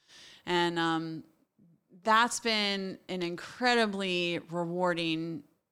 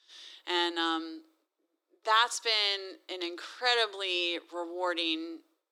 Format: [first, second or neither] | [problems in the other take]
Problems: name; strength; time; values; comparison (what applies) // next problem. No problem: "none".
first | thin; very; fading below 300 Hz